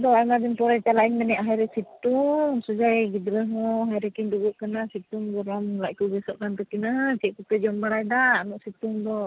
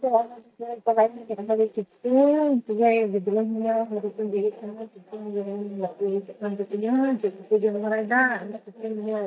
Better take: first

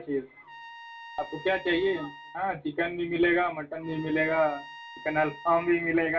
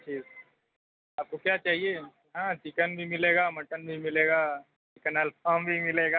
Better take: second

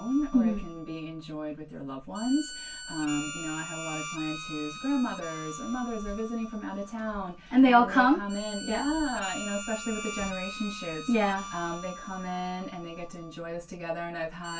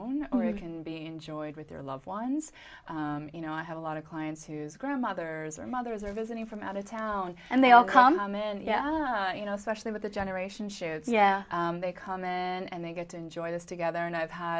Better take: second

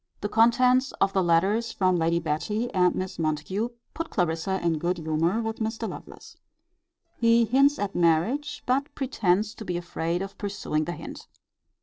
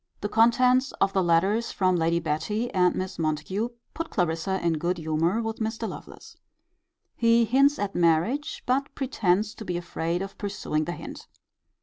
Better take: second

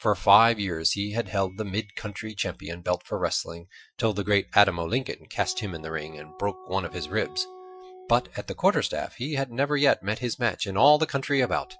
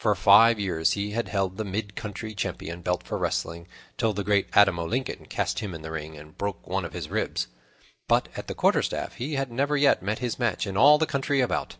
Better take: second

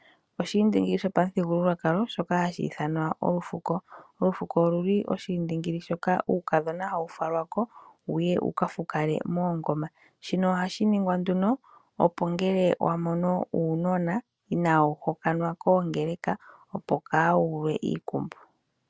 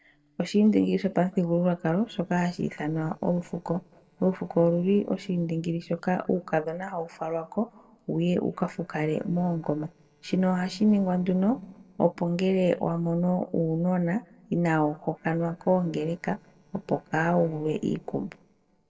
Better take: first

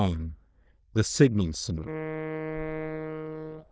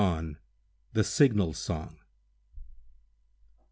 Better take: second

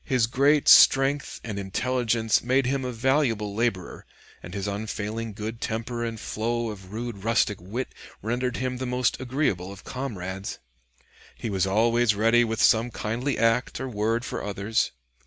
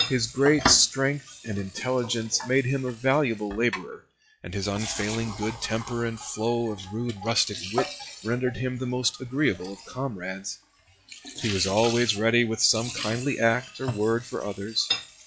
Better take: first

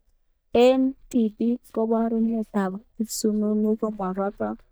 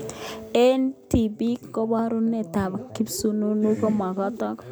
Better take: second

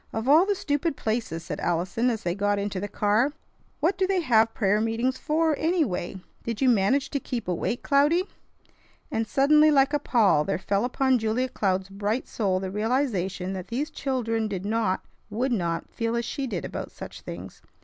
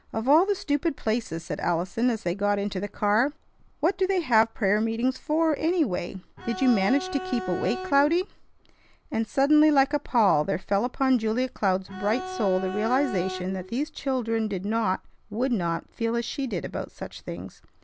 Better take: first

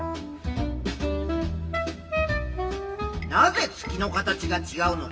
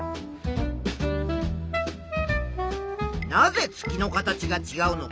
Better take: second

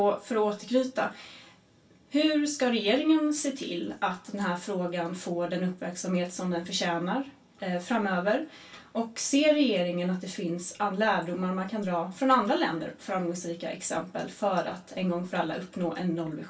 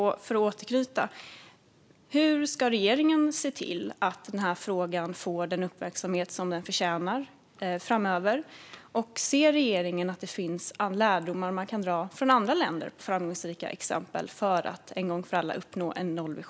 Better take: second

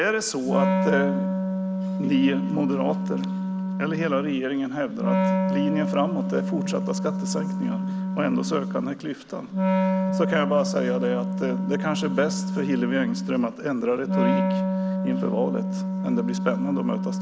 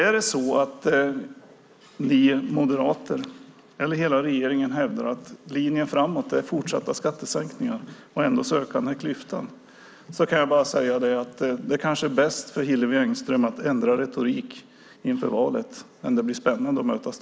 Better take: second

